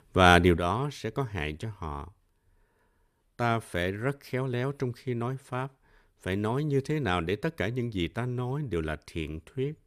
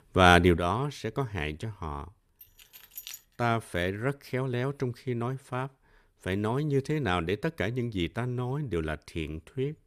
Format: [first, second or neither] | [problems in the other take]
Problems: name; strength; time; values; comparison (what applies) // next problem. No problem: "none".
first | jangling keys; faint; at 2.5 s; peak 10 dB below the speech